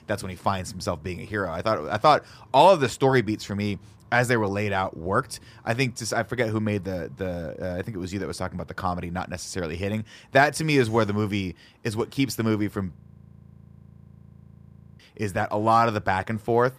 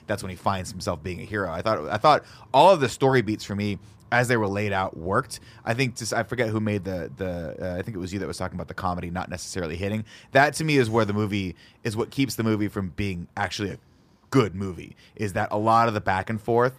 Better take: second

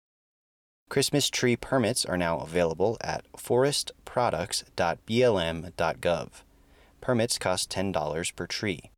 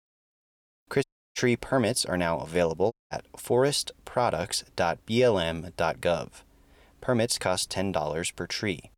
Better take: first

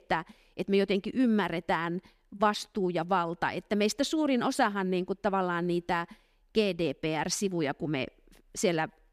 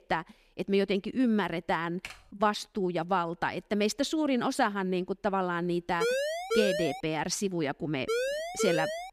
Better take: first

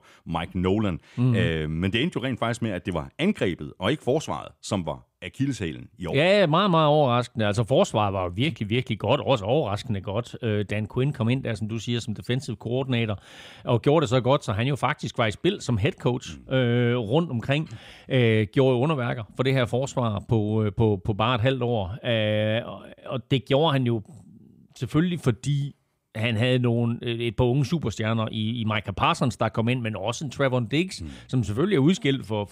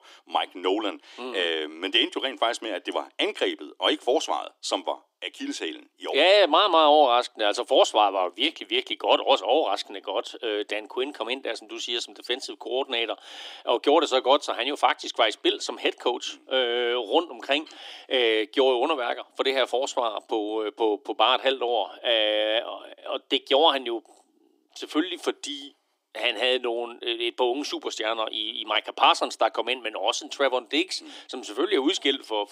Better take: first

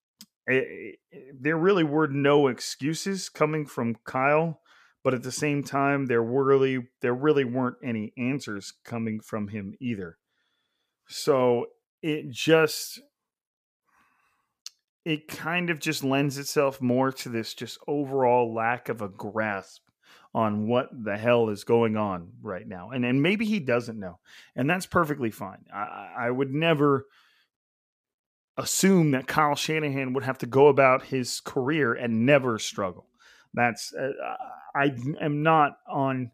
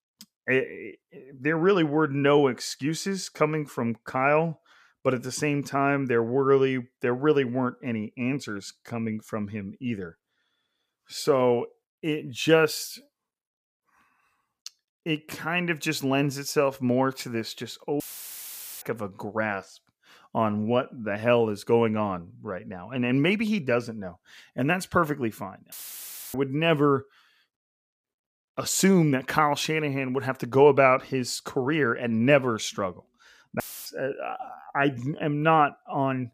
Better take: first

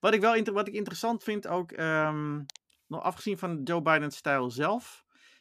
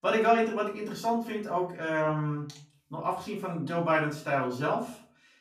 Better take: first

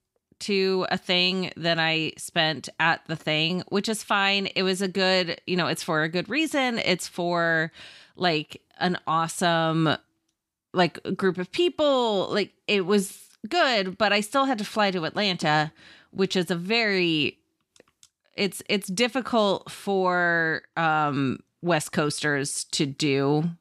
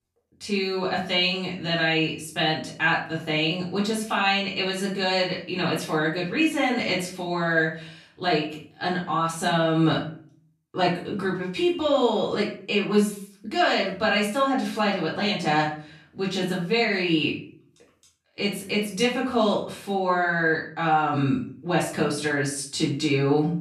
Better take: first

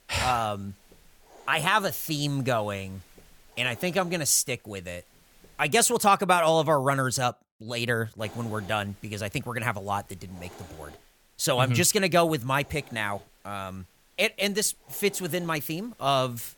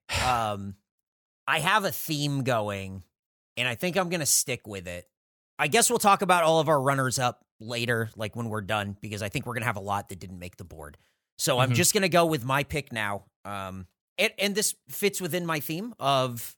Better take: second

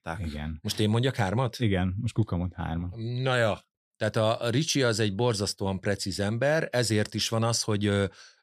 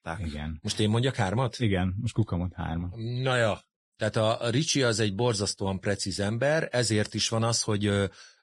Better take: first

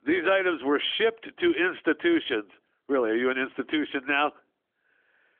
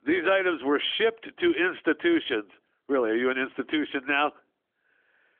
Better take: neither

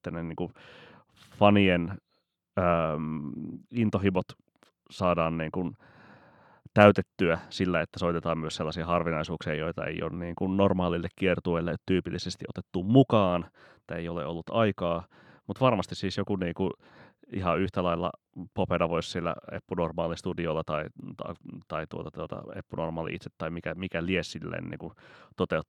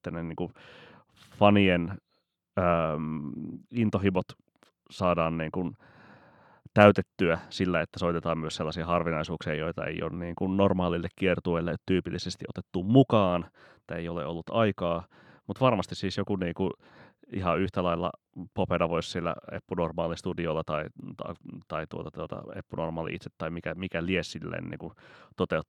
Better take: neither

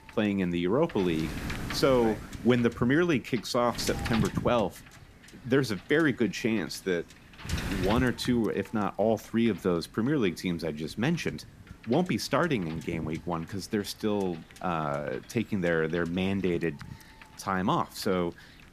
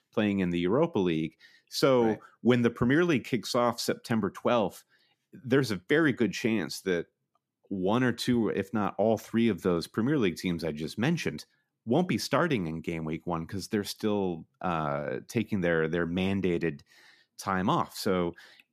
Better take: second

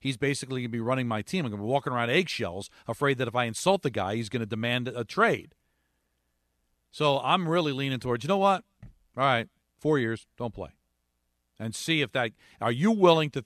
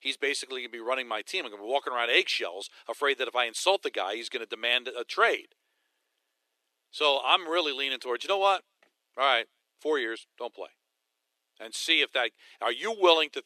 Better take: first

